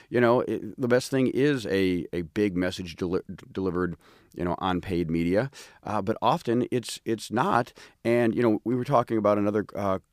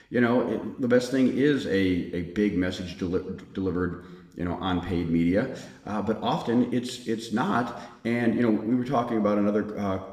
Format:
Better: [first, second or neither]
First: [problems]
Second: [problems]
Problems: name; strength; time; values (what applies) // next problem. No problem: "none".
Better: first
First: none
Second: room echo; slight; dies away in 1 s